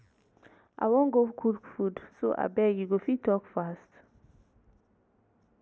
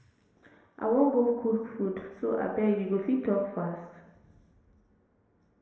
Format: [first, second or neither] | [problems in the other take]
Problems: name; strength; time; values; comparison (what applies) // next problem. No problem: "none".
first | room echo; dies away in 1 s